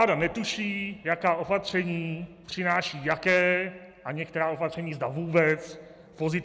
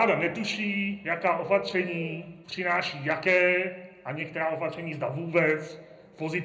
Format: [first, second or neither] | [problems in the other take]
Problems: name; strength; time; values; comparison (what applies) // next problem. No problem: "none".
first | background sound (Bird); 12 dB below the speech // room echo; dies away in 0.4 s